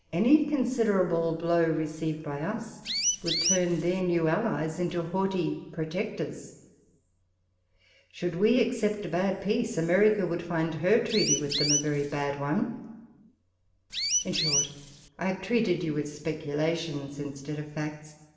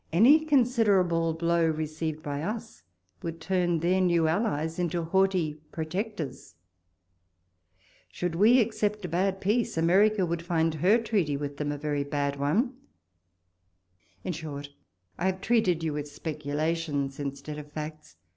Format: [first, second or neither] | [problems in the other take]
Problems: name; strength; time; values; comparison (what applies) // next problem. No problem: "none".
second | background sound (Chirp, tweet); 1 dB below the speech // room echo; dies away in 1.2 s